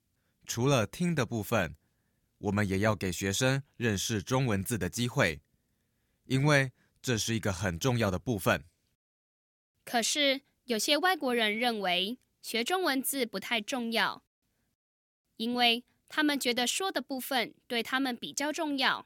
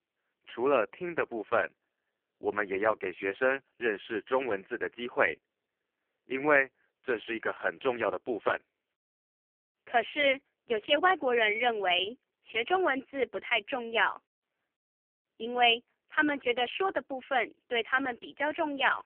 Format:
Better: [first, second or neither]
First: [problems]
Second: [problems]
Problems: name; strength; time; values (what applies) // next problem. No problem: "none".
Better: first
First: none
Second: phone-call audio; poor line; nothing above 3 kHz